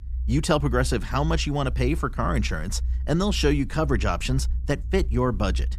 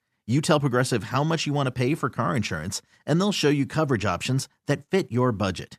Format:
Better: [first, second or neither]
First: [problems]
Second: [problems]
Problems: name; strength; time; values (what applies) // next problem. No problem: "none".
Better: second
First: low rumble; faint; throughout; 25 dB below the speech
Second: none